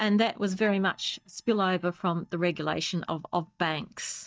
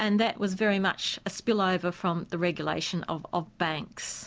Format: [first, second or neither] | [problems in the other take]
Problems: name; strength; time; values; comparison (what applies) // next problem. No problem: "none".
second | noise reduction (neural mask model DeepFilterNet 3)